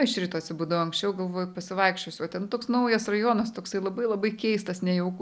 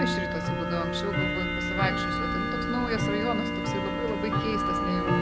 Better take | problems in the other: first | background sound (Tick-tock / Bell); 5 dB above the speech

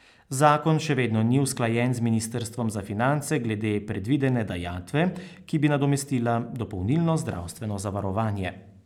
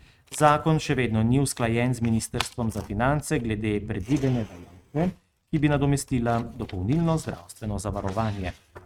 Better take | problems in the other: first | noise reduction (neural mask model RNNoise)

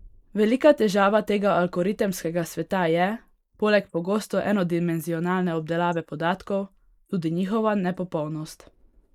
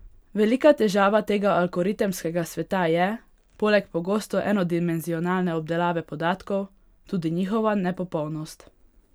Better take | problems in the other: second | noise reduction (neural mask model Resemble Enhance denoiser)

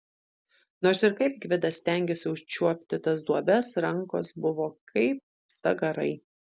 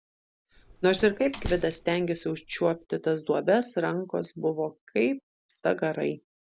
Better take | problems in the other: first | background sound (Slam); 13 dB below the speech

